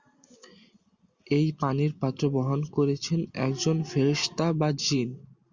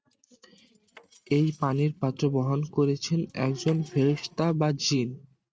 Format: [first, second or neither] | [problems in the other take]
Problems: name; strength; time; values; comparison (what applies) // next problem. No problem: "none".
first | noise reduction (neural mask model RNNoise)